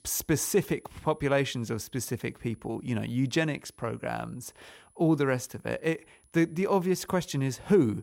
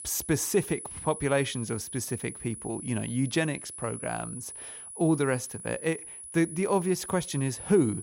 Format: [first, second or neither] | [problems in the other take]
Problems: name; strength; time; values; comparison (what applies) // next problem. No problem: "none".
first | high-pitched whine; loud; throughout; 10 kHz, 10 dB below the speech; faint in the first